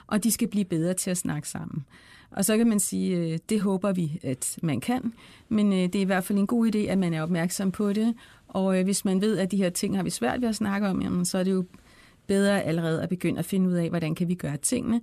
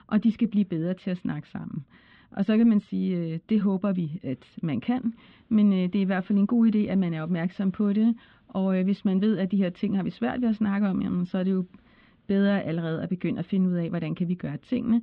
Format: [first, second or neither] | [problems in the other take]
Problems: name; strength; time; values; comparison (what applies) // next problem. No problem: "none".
first | muffled; very; fading above 3.5 kHz